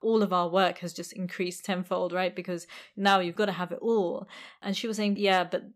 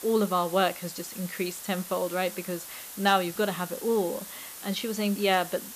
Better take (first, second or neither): first